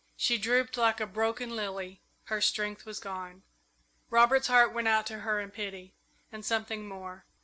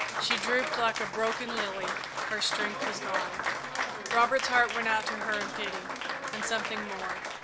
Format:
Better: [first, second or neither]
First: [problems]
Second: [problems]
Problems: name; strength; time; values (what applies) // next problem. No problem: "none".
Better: first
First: none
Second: background sound (Applause); 2 dB below the speech